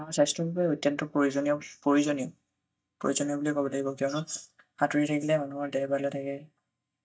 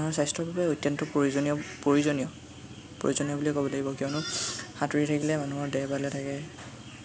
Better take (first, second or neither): second